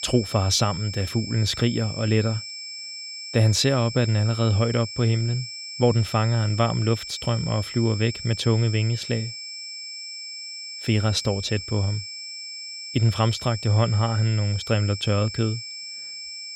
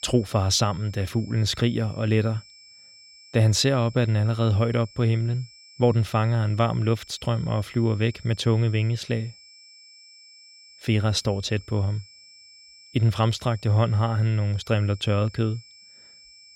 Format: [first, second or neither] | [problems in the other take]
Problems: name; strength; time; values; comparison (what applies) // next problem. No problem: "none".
second | high-pitched whine; loud; throughout; 5.5 kHz, 9 dB below the speech; faint in the second